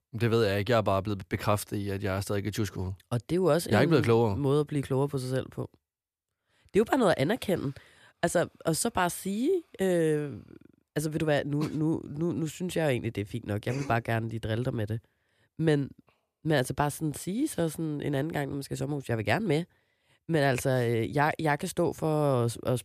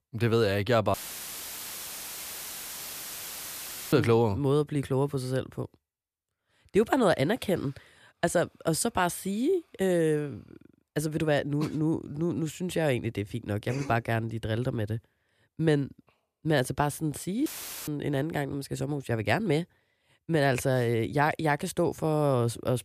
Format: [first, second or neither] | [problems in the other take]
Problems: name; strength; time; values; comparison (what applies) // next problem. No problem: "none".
first | audio cutting out; filled with static; at 1 s for 3 s and at 17 s